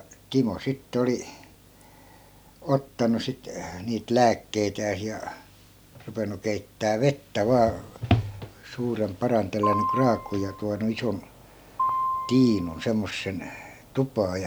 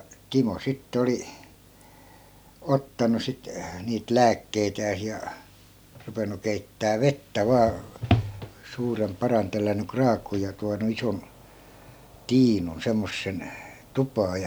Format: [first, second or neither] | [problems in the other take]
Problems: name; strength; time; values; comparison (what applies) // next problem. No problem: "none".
second | background sound (Piano); 5 dB below the speech